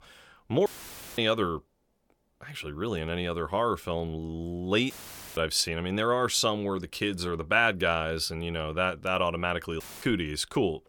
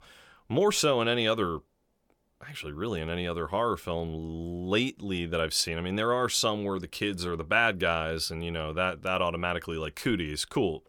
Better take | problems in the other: second | audio cutting out; filled with static; at 0.5 s for 0.5 s, at 5 s and at 10 s

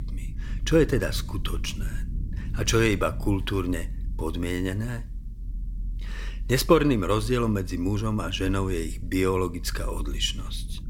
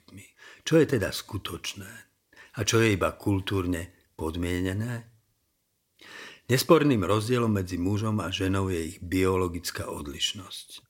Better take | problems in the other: second | low rumble; faint; throughout; 25 dB below the speech

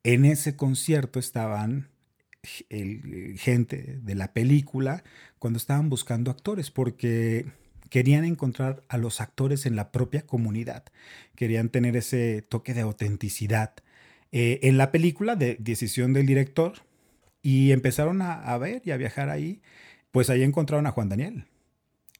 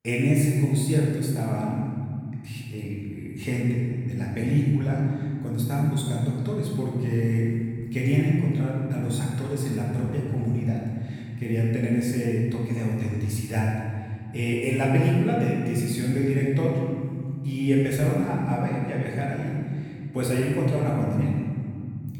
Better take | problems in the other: first | room echo; strong; dies away in 2.4 s // off-mic speech; far

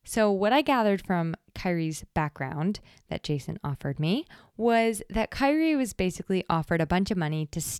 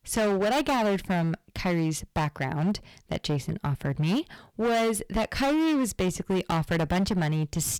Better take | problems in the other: first | distortion; heavy; 18% of the sound clipped

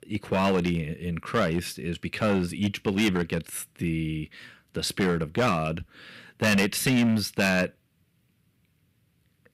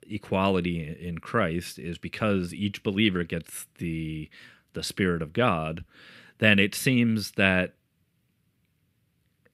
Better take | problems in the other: second | distortion; heavy; 6% of the sound clipped

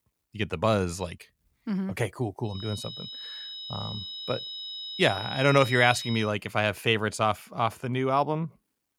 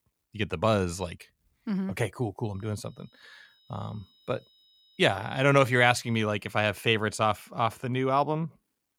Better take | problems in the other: second | high-pitched whine; loud; from 2.5 to 6 s; 4 kHz, 9 dB below the speech; faint in the second

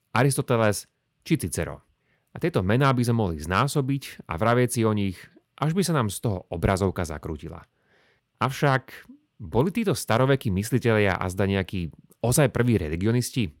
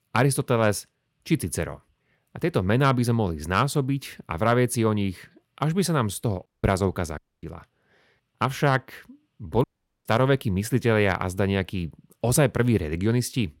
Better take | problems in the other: first | audio cutting out; at 6.5 s, at 7 s and at 9.5 s

